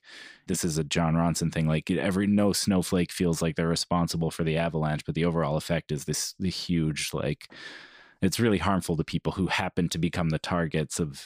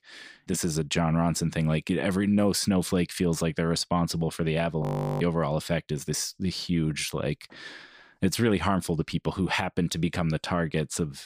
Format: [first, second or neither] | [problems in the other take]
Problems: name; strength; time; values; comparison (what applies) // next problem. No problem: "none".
first | audio freezing; at 5 s